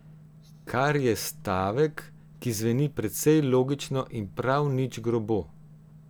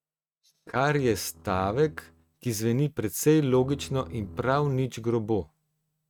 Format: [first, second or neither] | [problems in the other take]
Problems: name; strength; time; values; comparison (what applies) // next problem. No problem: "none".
first | noise reduction (neural mask model RNNoise)